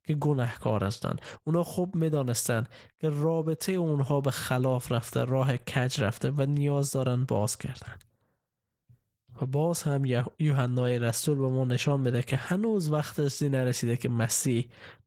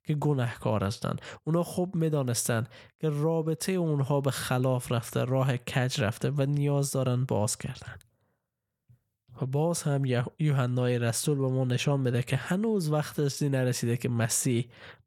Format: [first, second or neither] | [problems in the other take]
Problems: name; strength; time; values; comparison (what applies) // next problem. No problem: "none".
second | garbled, watery; slightly; nothing above 18.5 kHz